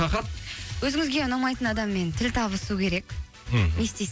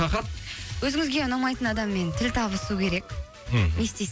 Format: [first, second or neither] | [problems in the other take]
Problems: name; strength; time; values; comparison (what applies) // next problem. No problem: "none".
first | background sound (Breathing); 18 dB below the speech